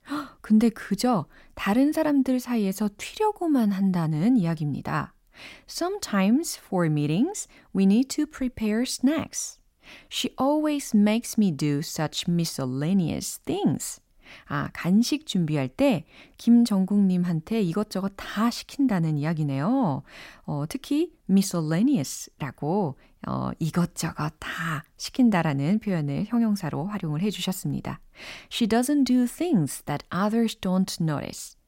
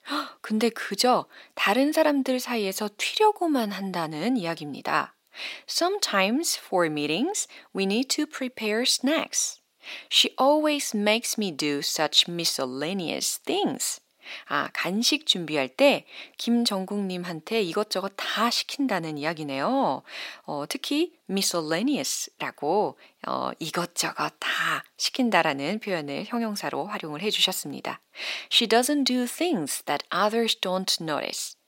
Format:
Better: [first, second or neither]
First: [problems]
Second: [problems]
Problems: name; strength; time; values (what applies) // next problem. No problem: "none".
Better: first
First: none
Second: thin; somewhat; fading below 450 Hz